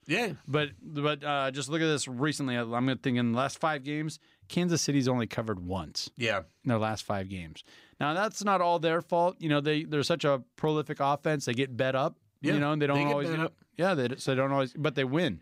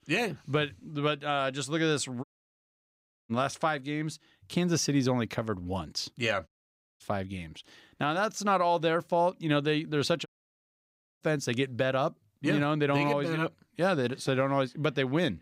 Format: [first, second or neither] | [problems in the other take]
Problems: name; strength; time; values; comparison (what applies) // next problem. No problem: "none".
first | audio cutting out; at 2 s for 1 s, at 6.5 s for 0.5 s and at 10 s for 1 s